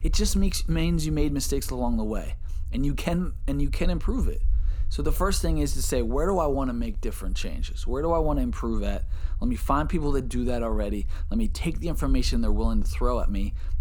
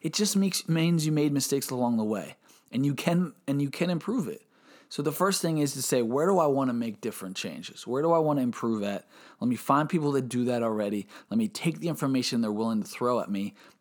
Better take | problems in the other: second | low rumble; faint; throughout; 25 dB below the speech

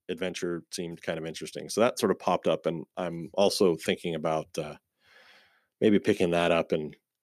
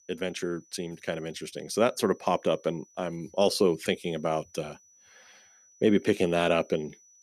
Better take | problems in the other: first | high-pitched whine; faint; throughout; 6 kHz, 30 dB below the speech

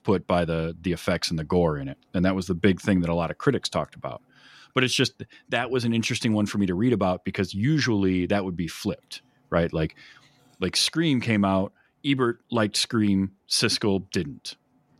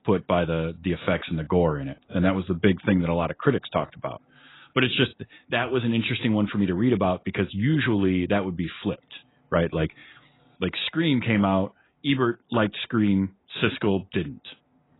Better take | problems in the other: first | garbled, watery; badly; nothing above 4 kHz

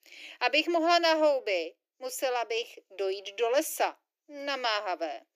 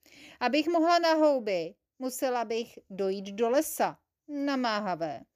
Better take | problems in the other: second | thin; very; fading below 350 Hz

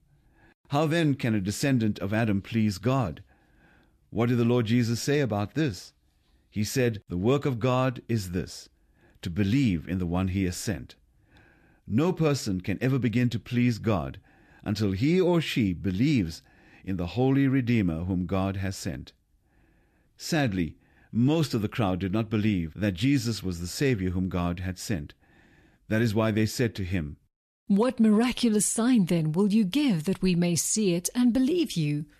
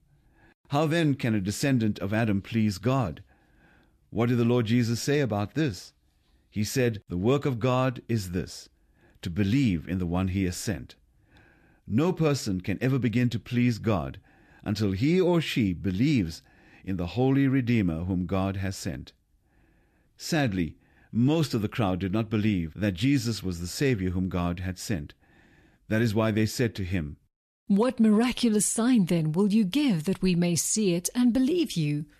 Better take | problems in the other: neither | none

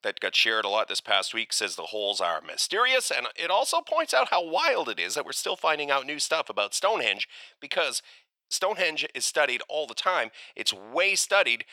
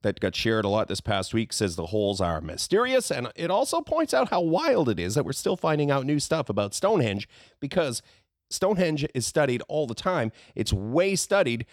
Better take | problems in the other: second | thin; very; fading below 800 Hz

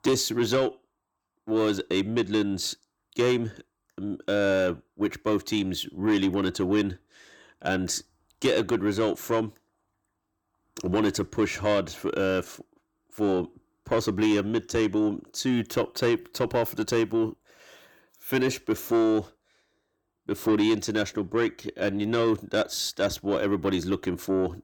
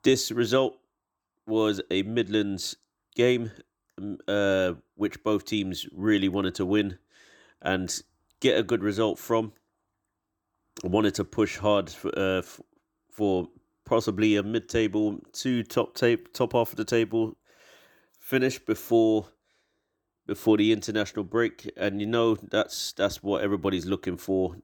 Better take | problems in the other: second | distortion; slight; 10 dB below the speech

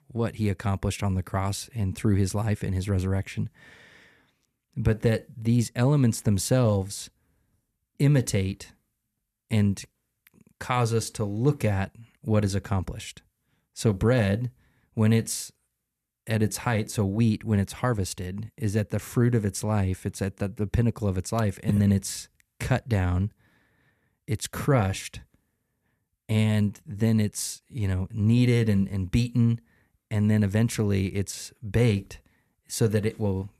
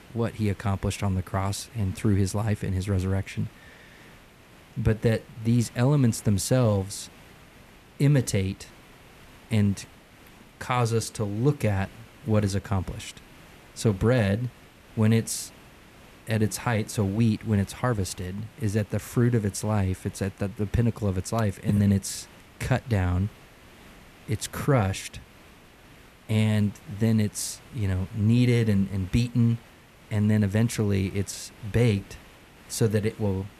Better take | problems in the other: first | hiss; faint; throughout; 25 dB below the speech

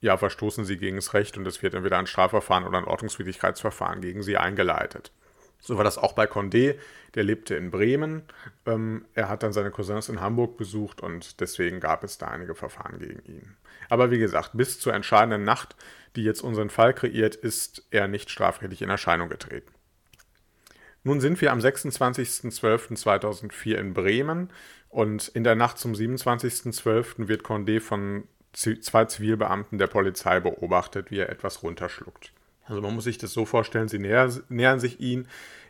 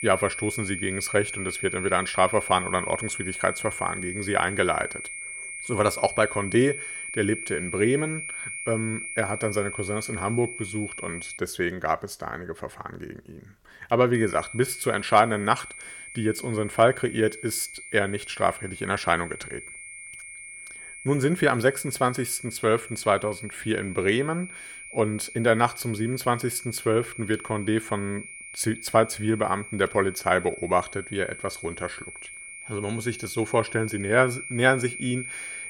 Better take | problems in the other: first | high-pitched whine; loud; until 11 s and from 14 s on; 2 kHz, 10 dB below the speech

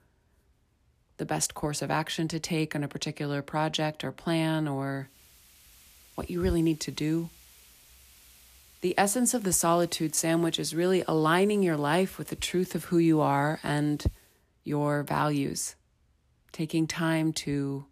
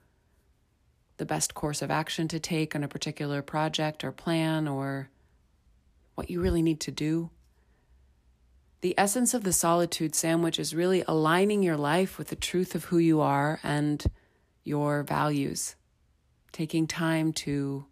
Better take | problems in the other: second | hiss; faint; from 5 to 14 s; 25 dB below the speech

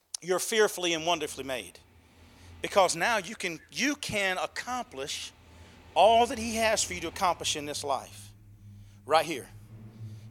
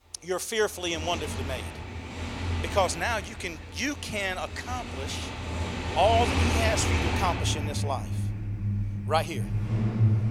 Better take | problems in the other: first | traffic noise; loud; throughout; 1 dB below the speech; faint in the first

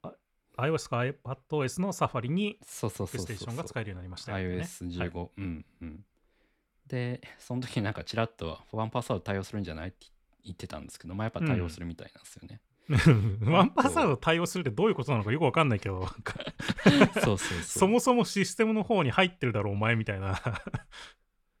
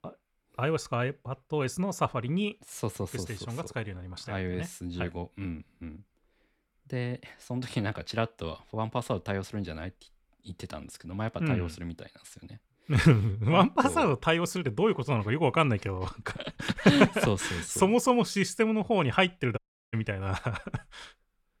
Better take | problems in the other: first | audio cutting out; at 20 s

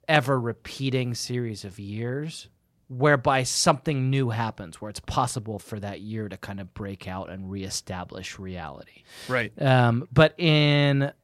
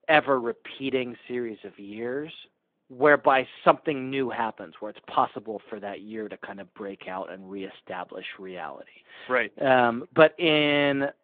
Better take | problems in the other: first | phone-call audio

